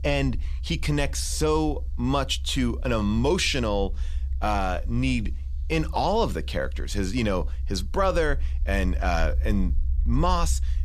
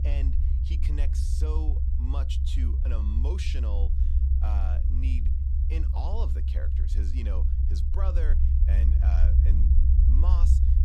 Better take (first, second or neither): first